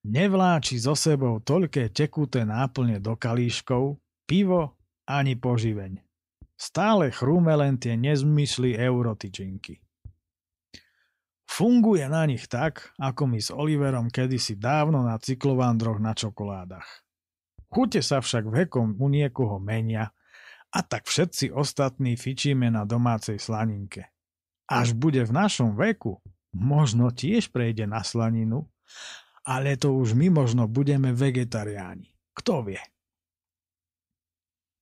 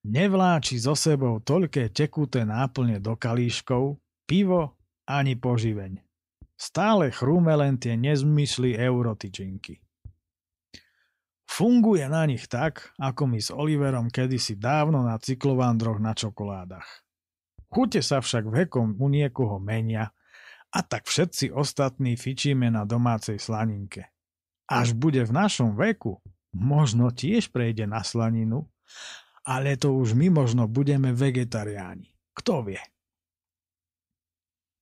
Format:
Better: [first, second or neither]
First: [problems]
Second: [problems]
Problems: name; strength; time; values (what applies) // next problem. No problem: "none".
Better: neither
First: none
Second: none